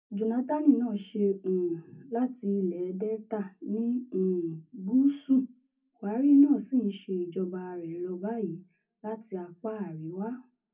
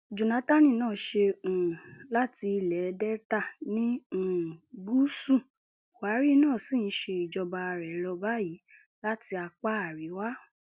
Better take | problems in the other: second | room echo; dies away in 0.3 s

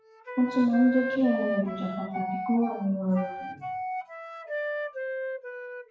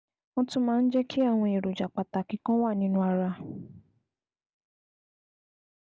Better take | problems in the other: second | noise reduction (classical method WPE with log-MMSE)

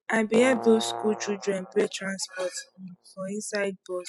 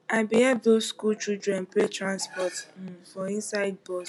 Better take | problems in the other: second | noise reduction (classical method spectral subtraction)

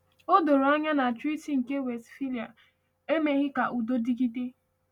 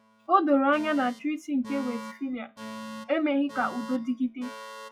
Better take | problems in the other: first | noise reduction (classical method log-MMSE)

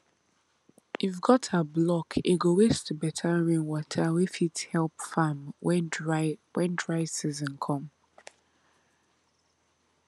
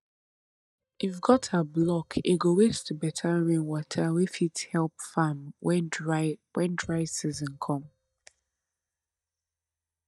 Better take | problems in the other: first | noise reduction (neural mask model DeepFilterNet 3)

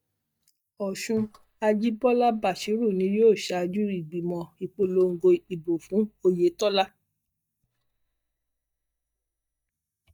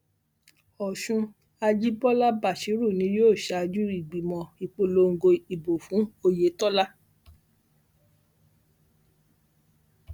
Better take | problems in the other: second | noise reduction (neural mask model DeepFilterNet 3)

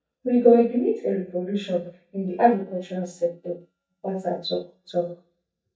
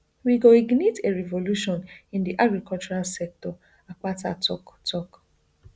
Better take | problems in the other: second | noise reduction (neural mask model DeepFilterNet 3)

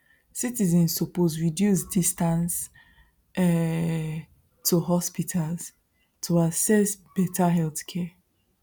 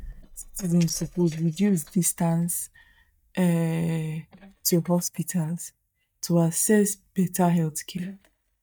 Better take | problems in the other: first | noise reduction (neural mask model DeepFilterNet 3)

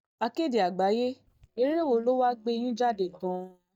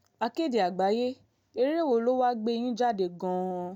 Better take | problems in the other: second | noise reduction (neural mask model DeepFilterNet 3)

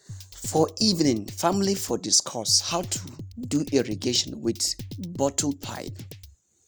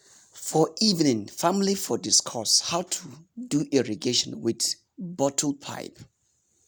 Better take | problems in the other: second | background sound (Drum kit); 13 dB below the speech

